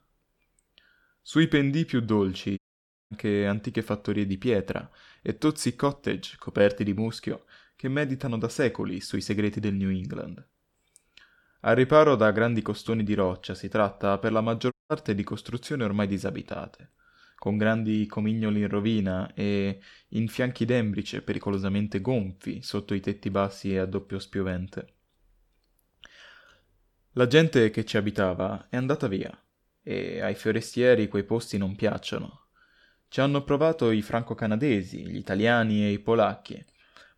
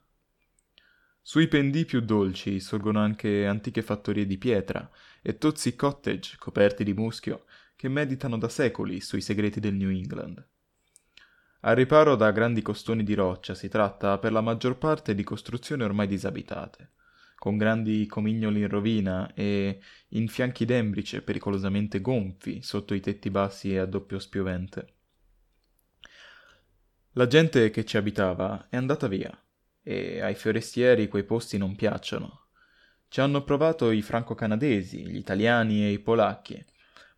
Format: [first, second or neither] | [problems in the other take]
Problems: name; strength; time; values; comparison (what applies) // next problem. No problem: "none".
second | audio cutting out; at 2.5 s for 0.5 s and at 15 s